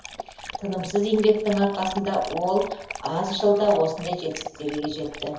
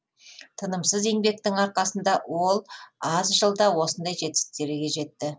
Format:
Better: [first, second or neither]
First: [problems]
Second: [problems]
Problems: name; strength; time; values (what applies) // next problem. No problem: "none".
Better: second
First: background sound (Dog); 12 dB below the speech // room echo; dies away in 0.7 s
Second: none